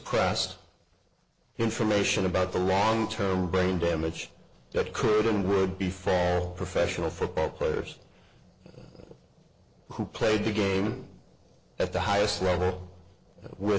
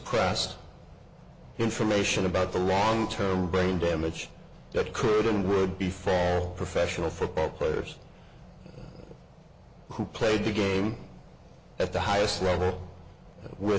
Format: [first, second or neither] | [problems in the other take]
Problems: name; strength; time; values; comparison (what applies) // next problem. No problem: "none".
second | noise reduction (neural separator model SepFormer DNS4)